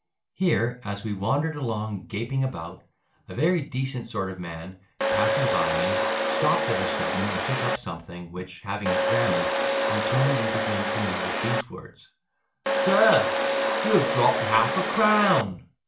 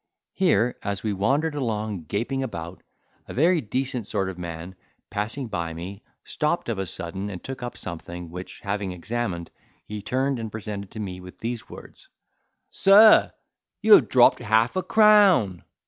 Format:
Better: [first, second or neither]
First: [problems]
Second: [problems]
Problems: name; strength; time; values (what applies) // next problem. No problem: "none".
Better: second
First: background sound (Domestic sounds, home sounds); 2 dB above the speech // room echo; dies away in 0.2 s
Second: none